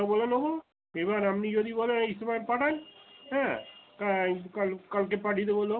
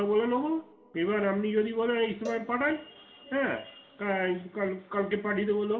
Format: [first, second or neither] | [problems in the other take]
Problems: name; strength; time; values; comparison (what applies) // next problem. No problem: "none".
first | background sound (Cowbell); 19 dB below the speech // room echo; dies away in 2 s